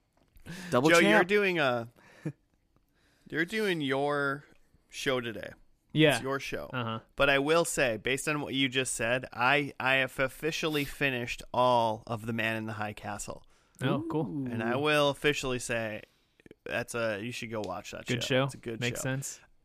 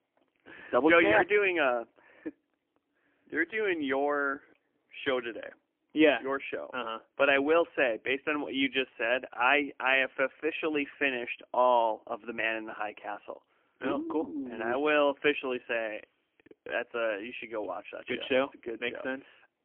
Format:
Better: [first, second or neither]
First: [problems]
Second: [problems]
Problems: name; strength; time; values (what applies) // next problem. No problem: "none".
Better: first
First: none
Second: phone-call audio; poor line; nothing above 3 kHz